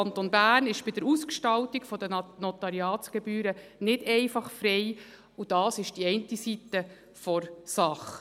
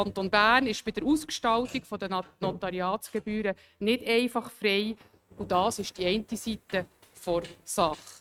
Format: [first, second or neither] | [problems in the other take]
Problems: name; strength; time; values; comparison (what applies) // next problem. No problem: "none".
first | noise reduction (neural mask model RNNoise)